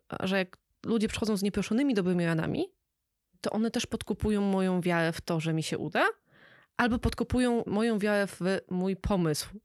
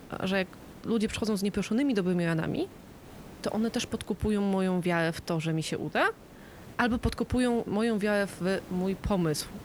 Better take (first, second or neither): first